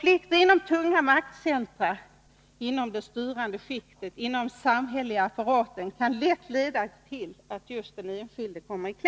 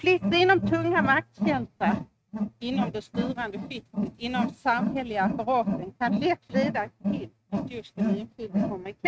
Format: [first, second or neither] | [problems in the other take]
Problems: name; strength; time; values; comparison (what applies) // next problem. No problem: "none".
first | noise reduction (neural mask model RNNoise)